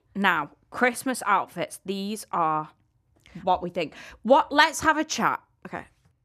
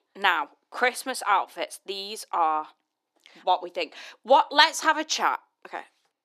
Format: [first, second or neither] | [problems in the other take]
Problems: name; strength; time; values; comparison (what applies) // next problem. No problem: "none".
first | thin; somewhat; fading below 350 Hz